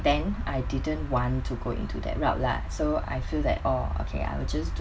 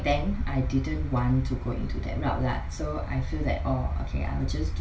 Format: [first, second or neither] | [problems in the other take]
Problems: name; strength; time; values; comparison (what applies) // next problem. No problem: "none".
first | room echo; dies away in 0.4 s